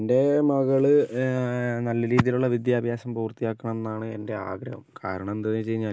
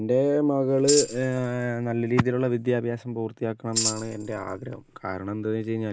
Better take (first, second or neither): first